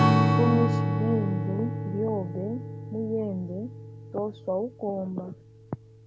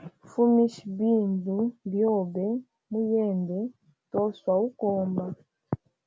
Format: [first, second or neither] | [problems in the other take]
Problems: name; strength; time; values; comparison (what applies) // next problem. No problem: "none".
second | background sound (Strum); 3 dB above the speech